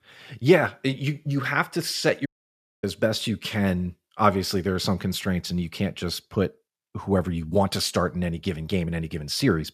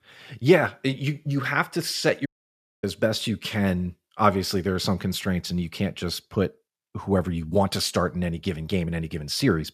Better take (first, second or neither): neither